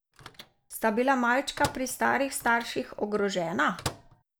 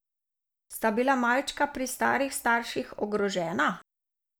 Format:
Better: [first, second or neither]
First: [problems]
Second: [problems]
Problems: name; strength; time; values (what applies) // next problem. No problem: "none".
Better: second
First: background sound (Microwave oven); 14 dB below the speech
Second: none